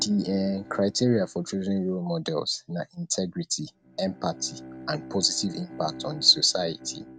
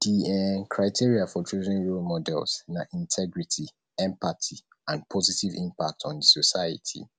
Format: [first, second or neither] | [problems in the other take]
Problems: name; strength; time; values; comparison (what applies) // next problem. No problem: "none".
second | noise reduction (neural mask model RNNoise)